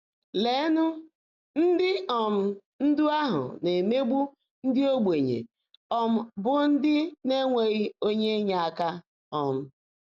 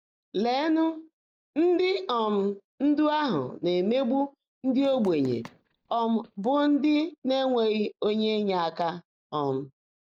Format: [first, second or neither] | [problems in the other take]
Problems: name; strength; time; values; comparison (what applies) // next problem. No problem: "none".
first | noise reduction (neural mask model DeepFilterNet 3)